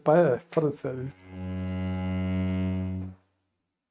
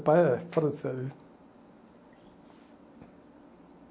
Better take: second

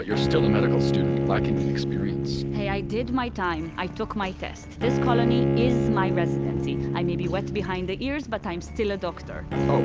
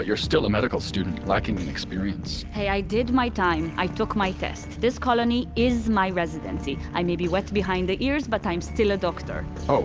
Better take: second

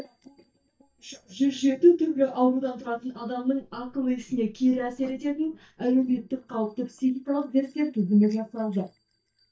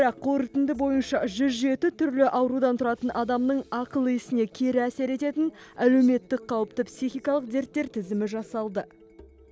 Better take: second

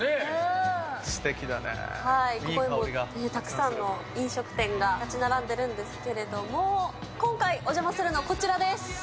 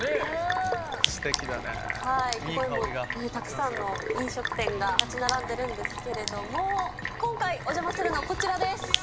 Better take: first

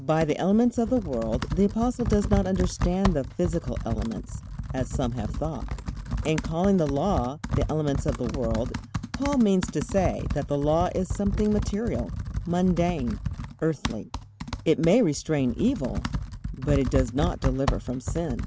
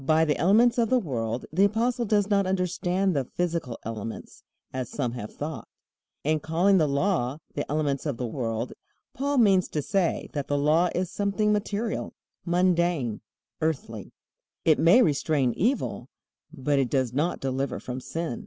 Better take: second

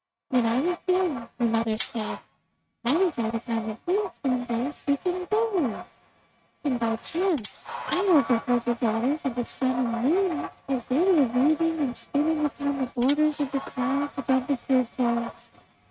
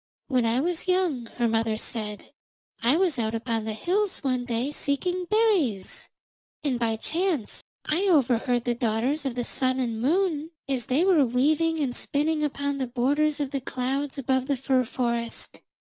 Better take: second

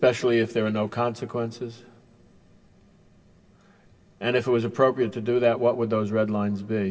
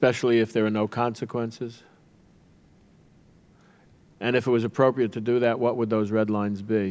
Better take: second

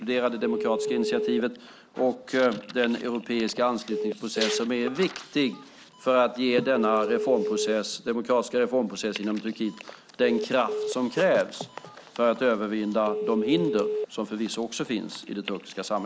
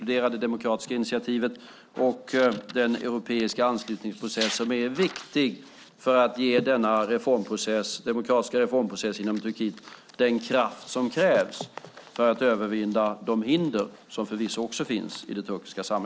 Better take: second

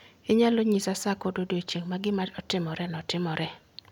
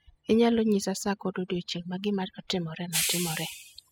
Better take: first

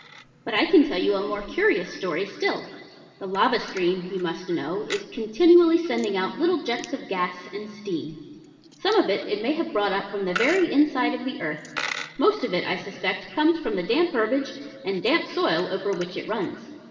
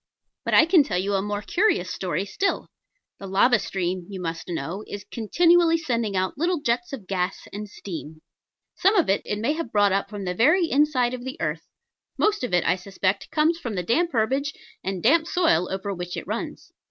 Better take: second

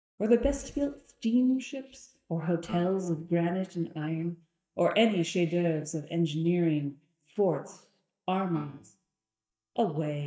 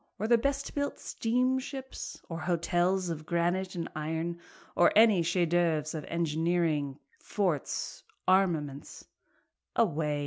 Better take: second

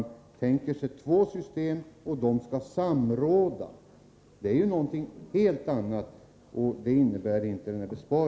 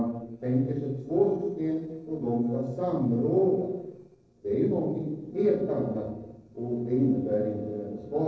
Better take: first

